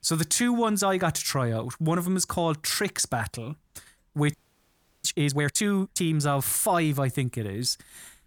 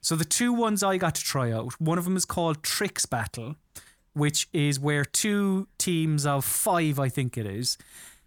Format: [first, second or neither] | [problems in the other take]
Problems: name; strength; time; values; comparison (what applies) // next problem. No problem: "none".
second | audio freezing; at 4.5 s for 0.5 s